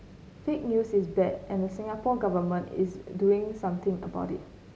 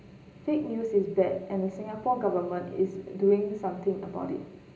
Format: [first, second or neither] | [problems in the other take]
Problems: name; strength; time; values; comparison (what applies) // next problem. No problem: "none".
first | room echo; dies away in 0.5 s